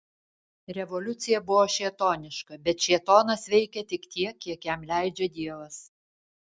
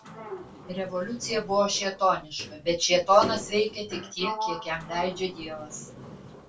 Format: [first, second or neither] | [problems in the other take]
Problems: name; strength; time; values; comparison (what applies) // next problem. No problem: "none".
first | background sound (Sliding door); 11 dB below the speech // room echo; dies away in 0.2 s